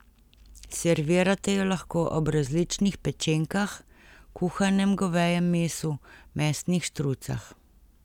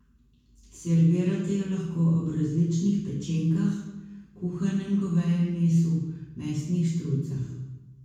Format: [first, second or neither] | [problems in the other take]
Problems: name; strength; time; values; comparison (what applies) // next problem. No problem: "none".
first | room echo; dies away in 1.1 s